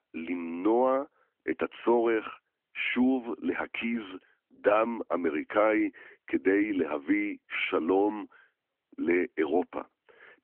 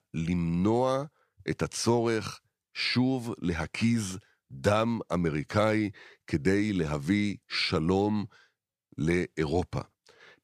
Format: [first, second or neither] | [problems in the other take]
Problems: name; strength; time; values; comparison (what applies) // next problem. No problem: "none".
second | phone-call audio; nothing above 3 kHz